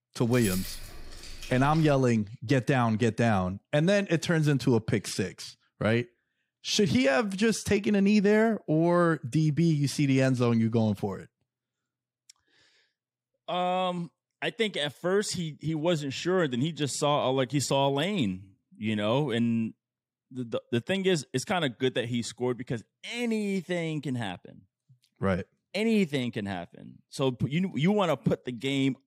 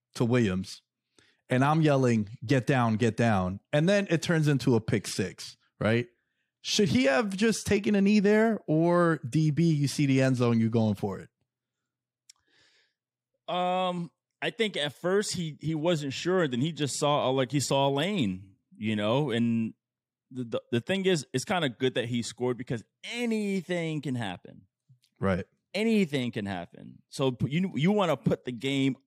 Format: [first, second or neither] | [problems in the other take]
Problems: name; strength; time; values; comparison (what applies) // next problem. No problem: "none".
second | jangling keys; noticeable; until 2 s; peak 8 dB below the speech